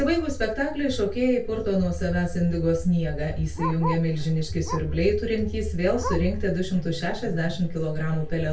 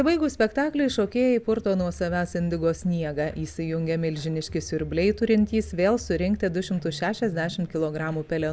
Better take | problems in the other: second | background sound (Bark); 16 dB below the speech // room echo; dies away in 0.2 s

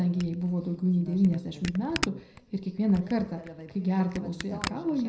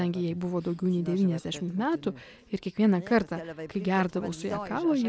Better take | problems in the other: second | background sound (Camera); 13 dB below the speech // room echo; dies away in 0.5 s

